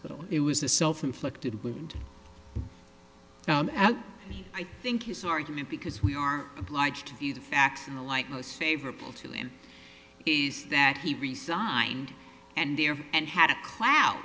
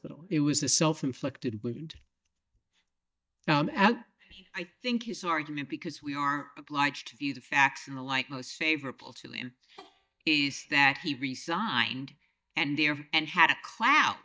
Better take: first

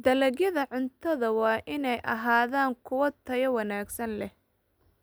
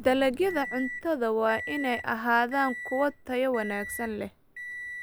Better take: first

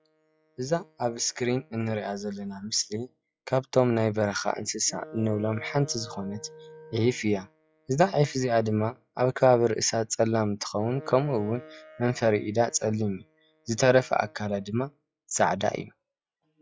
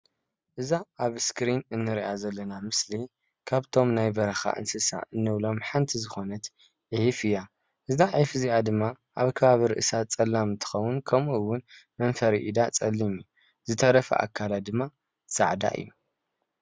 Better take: second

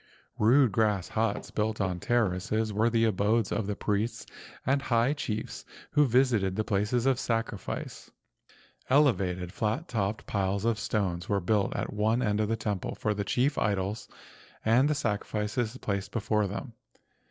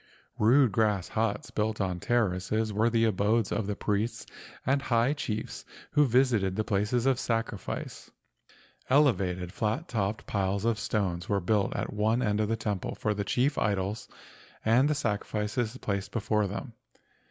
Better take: second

